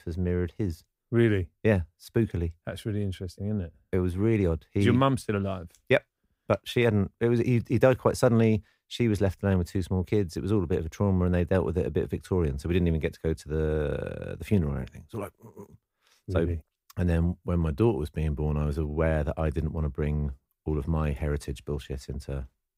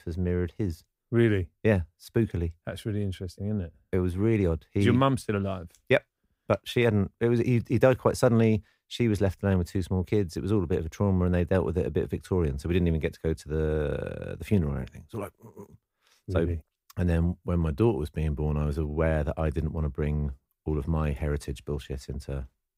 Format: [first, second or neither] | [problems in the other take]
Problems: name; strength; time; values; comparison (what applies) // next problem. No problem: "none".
neither | none